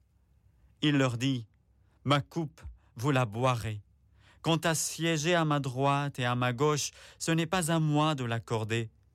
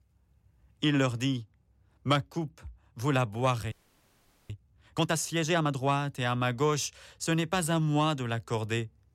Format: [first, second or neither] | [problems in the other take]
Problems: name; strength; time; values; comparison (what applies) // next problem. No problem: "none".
first | audio freezing; at 3.5 s for 1 s